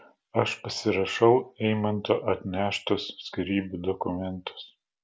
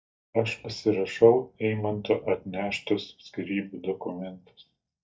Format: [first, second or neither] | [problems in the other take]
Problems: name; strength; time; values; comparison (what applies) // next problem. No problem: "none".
first | noise reduction (neural mask model DeepFilterNet 3)